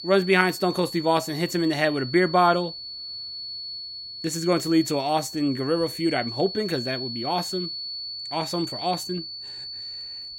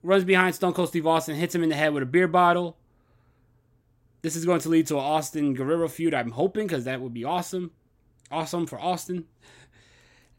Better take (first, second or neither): second